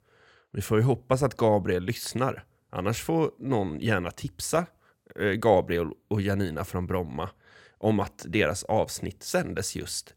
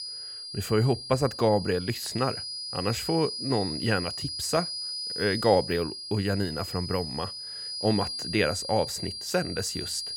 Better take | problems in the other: first | high-pitched whine; loud; throughout; 5 kHz, 5 dB below the speech

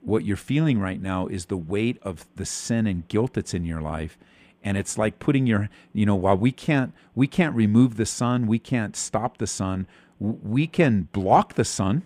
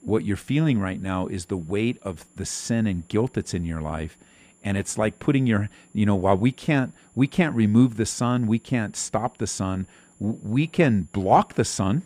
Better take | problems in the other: first | high-pitched whine; faint; throughout; 7 kHz, 35 dB below the speech

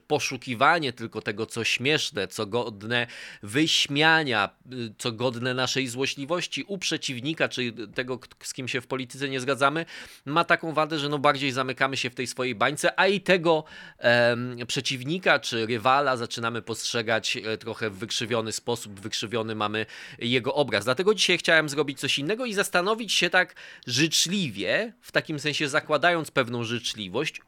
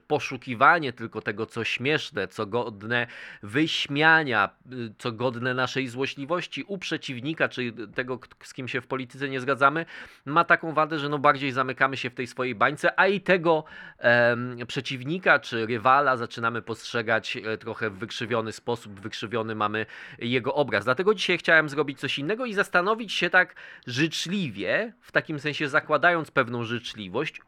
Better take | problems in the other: first | muffled; slightly; fading above 3.5 kHz

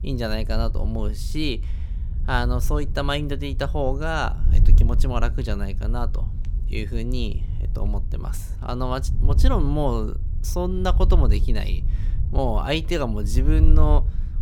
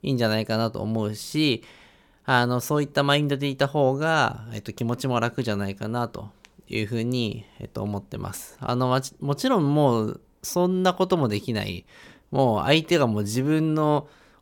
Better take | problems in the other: second | wind noise on the microphone; occasional gusts; 15 dB below the speech

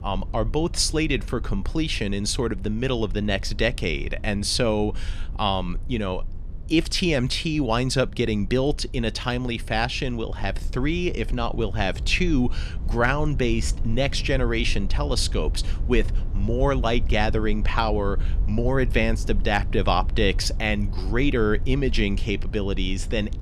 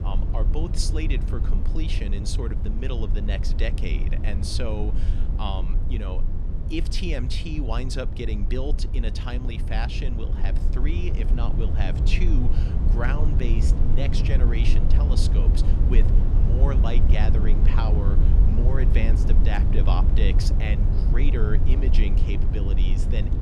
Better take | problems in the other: first | low rumble; loud; throughout; 4 dB below the speech; faint in the first

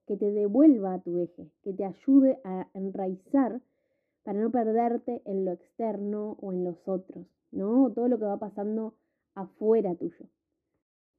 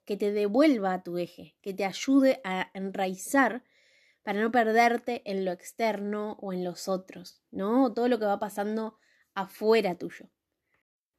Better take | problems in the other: second | muffled; very; fading above 1.5 kHz

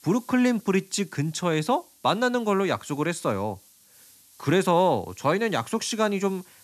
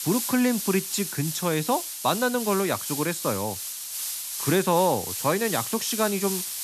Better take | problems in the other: first | hiss; loud; throughout; 4 dB below the speech; faint in the first

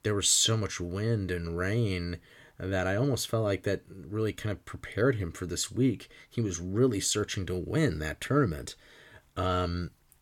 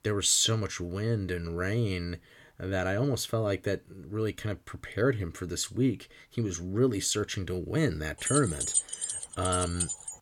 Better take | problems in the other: first | jangling keys; loud; from 8.5 s on; peak 2 dB above the speech

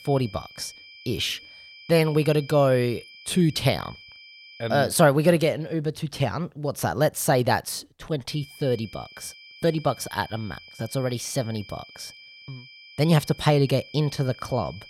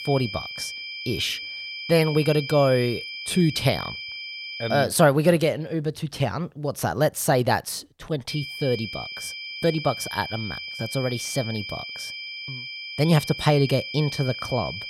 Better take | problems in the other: first | high-pitched whine; loud; until 5 s and from 8.5 s on; 2.5 kHz, 8 dB below the speech; faint in the first

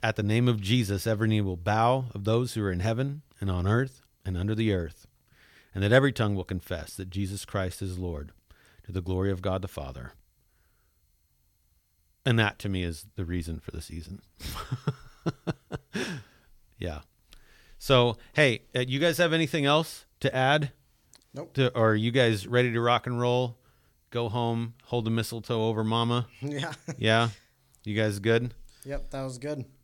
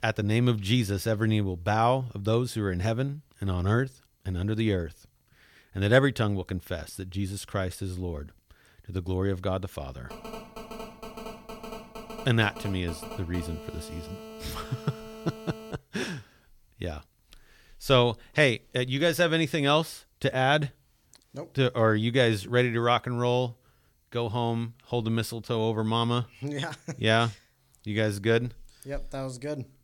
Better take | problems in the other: first | phone ringing; faint; from 10 to 16 s; peak 15 dB below the speech

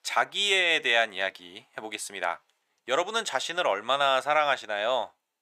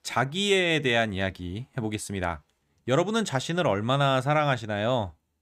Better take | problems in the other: second | thin; very; fading below 700 Hz

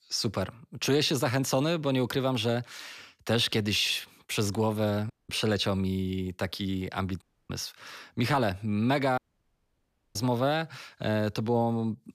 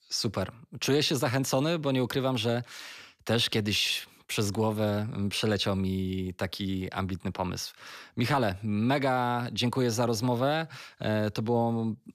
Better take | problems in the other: second | audio cutting out; at 5 s, at 7 s and at 9 s for 1 s

